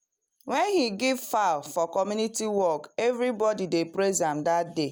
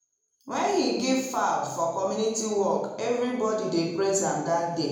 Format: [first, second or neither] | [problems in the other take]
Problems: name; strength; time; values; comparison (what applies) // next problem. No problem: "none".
first | room echo; dies away in 0.9 s